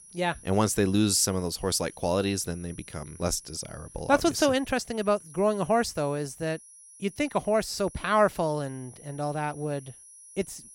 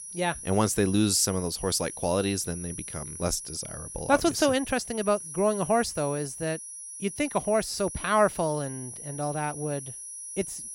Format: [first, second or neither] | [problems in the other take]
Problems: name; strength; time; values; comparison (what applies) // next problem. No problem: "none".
first | high-pitched whine; loud; throughout; 10.5 kHz, 10 dB below the speech; faint in the first